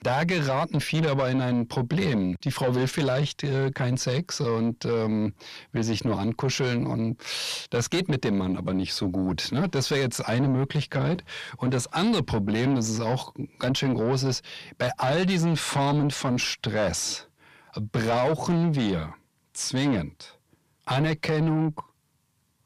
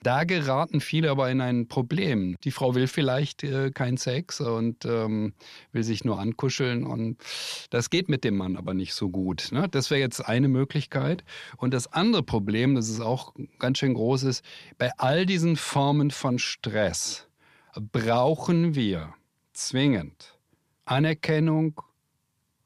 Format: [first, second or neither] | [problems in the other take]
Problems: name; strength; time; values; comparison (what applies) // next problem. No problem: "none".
second | distortion; slight; 10 dB below the speech